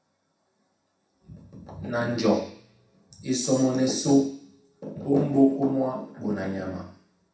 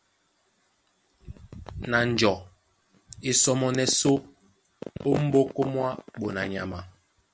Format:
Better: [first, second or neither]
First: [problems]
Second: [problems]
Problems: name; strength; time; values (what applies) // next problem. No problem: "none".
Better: second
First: room echo; dies away in 0.7 s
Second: none